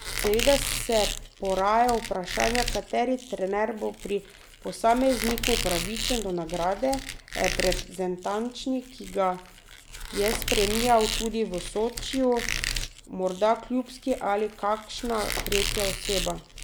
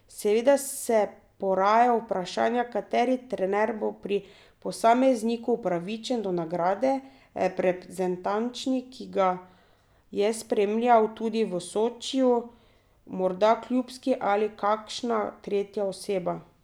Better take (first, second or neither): second